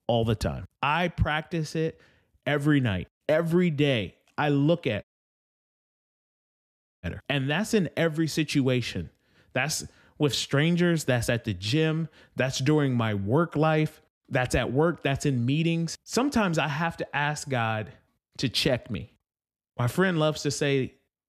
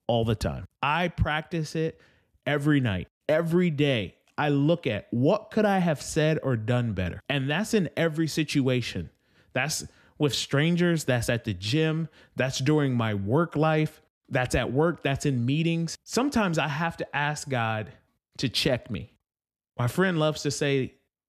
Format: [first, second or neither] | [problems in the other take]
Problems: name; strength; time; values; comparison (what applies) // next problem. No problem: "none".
second | audio cutting out; at 5 s for 2 s